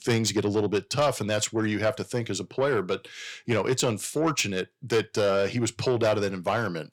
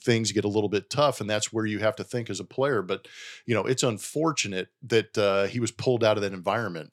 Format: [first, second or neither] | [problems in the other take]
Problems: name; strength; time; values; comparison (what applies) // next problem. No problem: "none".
second | distortion; slight; 10 dB below the speech